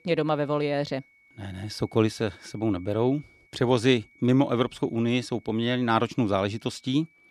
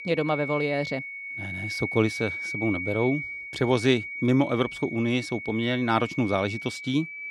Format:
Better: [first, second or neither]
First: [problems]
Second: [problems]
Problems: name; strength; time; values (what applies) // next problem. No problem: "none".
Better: first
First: high-pitched whine; faint; throughout; 2 kHz, 30 dB below the speech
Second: high-pitched whine; loud; throughout; 2 kHz, 7 dB below the speech